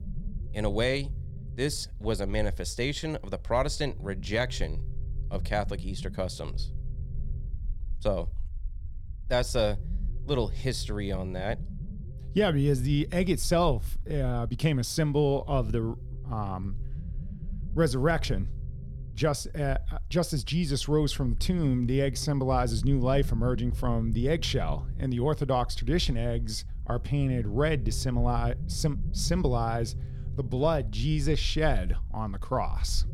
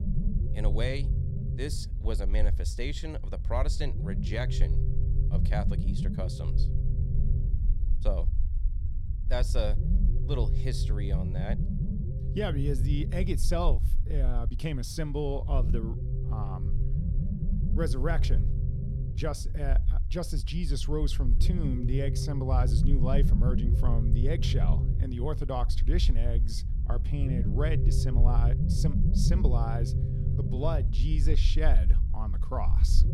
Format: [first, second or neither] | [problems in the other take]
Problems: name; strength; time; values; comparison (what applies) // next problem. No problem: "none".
first | low rumble; loud; throughout; 6 dB below the speech; faint in the first